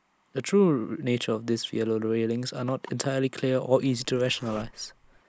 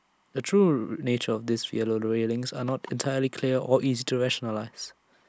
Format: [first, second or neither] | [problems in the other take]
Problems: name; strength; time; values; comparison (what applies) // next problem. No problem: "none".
second | noise reduction (neural mask model Resemble Enhance denoiser)